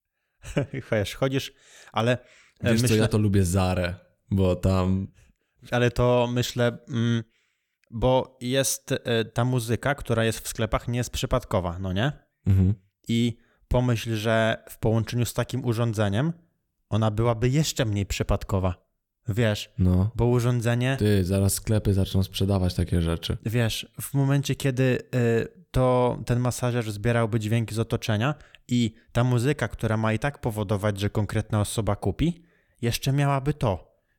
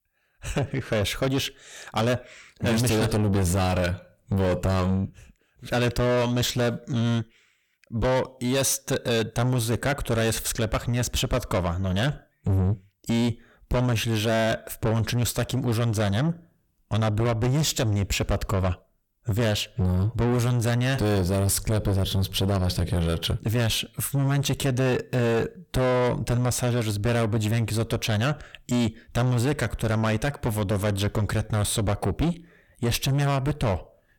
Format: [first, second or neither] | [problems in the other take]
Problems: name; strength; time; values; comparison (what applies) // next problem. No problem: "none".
first | distortion; heavy; 7 dB below the speech